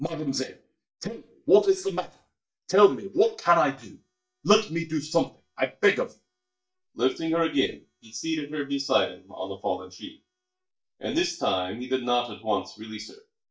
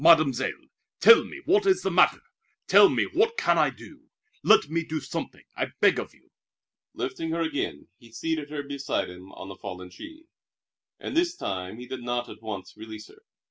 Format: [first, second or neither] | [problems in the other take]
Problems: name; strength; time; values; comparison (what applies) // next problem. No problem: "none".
second | noise reduction (neural mask model DeepFilterNet 3)